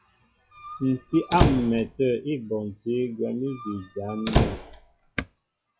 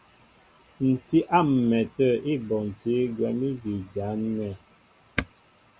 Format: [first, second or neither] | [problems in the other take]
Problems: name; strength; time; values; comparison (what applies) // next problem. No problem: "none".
second | noise reduction (classical method log-MMSE)